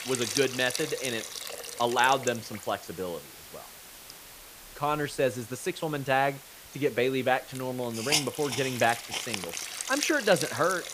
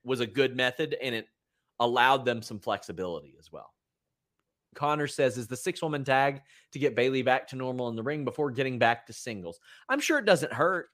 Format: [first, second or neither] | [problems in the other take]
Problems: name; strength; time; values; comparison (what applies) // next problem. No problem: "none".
second | hiss; loud; throughout; 6 dB below the speech